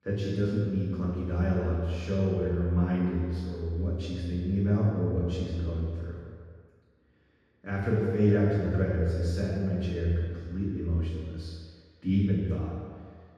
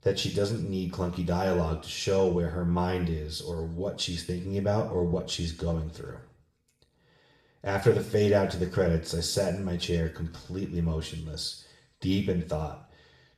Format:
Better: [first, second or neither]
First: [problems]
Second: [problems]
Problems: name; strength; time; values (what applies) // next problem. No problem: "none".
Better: second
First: room echo; strong; dies away in 1.8 s // off-mic speech; far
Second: room echo; slight; dies away in 0.6 s // off-mic speech; somewhat distant